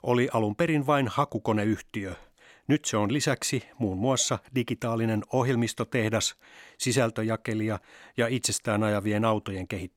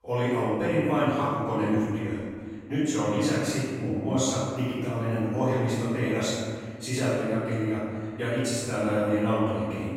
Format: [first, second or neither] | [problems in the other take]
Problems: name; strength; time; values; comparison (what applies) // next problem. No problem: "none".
first | off-mic speech; far // room echo; strong; dies away in 1.8 s